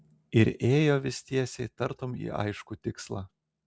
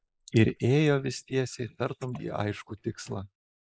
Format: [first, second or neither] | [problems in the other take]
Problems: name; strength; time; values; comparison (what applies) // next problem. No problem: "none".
first | noise reduction (neural mask model Resemble Enhance denoiser)